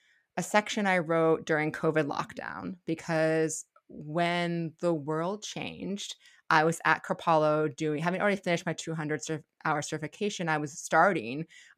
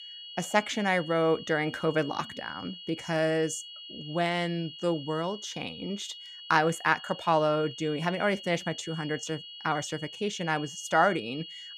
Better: first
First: none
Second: high-pitched whine; noticeable; throughout; 3 kHz, 15 dB below the speech

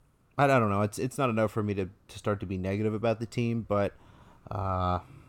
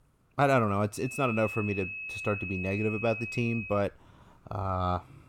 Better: first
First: none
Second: high-pitched whine; loud; from 1 to 3.5 s; 2.5 kHz, 6 dB below the speech

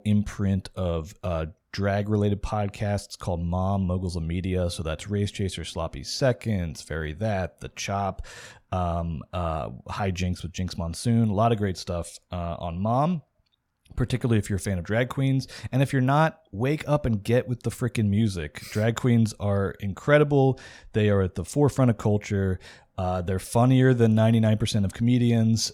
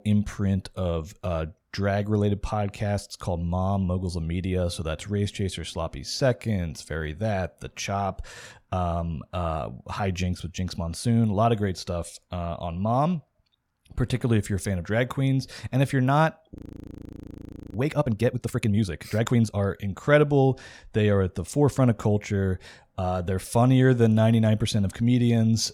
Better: first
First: none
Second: audio freezing; at 17 s for 1 s

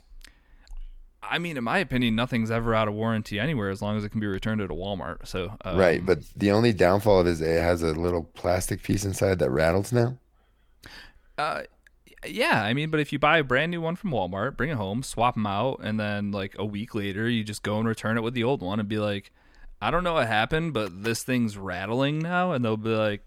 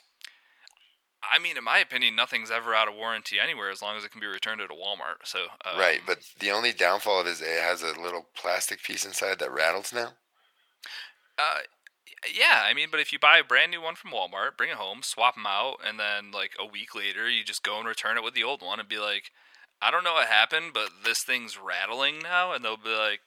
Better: first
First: none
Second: thin; very; fading below 850 Hz

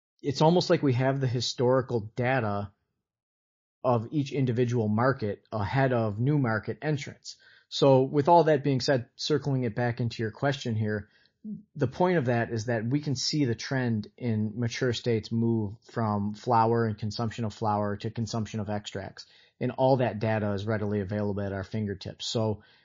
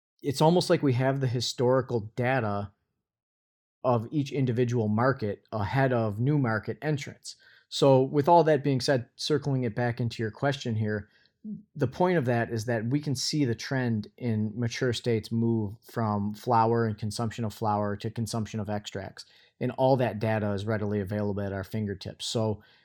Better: second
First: garbled, watery; slightly; nothing above 6.5 kHz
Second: none

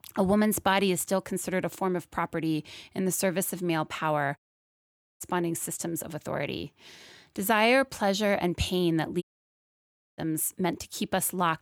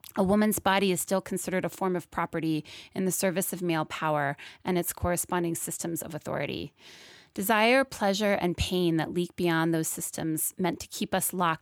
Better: second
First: audio cutting out; at 4.5 s for 1 s and at 9 s for 1 s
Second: none

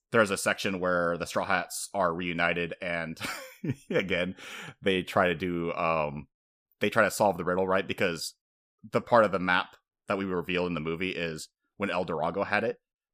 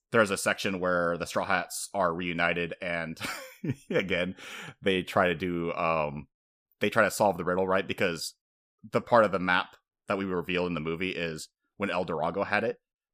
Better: neither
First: none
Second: none

